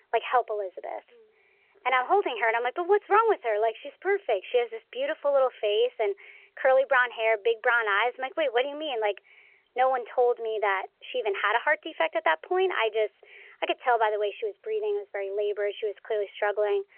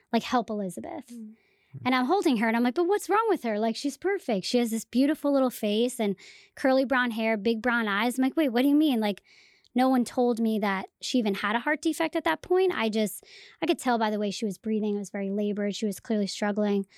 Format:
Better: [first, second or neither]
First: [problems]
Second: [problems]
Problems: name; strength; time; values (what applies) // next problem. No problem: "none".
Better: second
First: phone-call audio; nothing above 3 kHz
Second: none